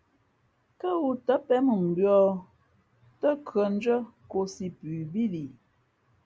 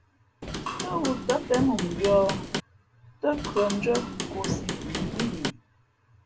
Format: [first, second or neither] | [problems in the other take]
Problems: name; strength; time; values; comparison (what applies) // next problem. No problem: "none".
first | background sound (Hammer / Wood); 3 dB below the speech // room echo; dies away in 0.2 s